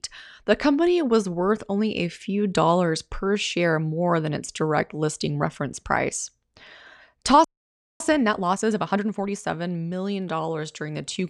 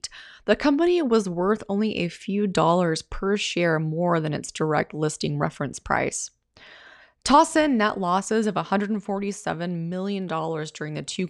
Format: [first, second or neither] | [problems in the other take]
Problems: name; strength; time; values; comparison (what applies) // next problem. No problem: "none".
second | audio freezing; at 7.5 s for 0.5 s